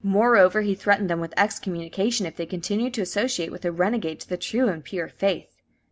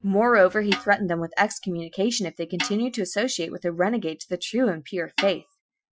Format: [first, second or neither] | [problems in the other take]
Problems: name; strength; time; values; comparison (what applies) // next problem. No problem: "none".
first | noise reduction (classical method Wiener filter)